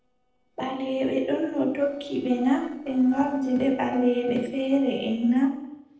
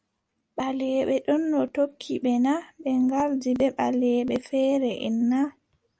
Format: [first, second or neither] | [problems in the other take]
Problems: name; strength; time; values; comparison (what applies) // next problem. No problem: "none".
second | noise reduction (neural separator model SepFormer DNS4)